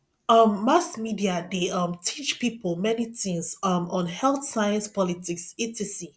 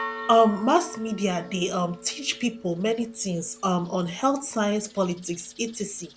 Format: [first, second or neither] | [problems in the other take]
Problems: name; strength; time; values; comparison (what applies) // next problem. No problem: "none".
first | background sound (Church bell); 16 dB below the speech